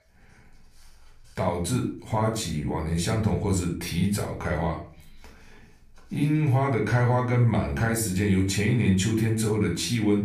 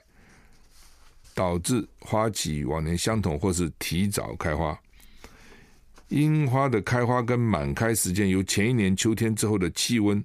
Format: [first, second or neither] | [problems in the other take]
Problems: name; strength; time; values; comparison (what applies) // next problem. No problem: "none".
second | off-mic speech; somewhat distant // room echo; slight; dies away in 0.4 s